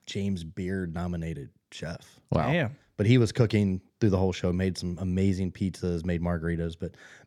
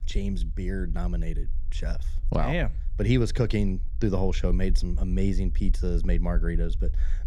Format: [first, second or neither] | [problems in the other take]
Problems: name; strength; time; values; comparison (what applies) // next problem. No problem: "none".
first | low rumble; faint; throughout; 20 dB below the speech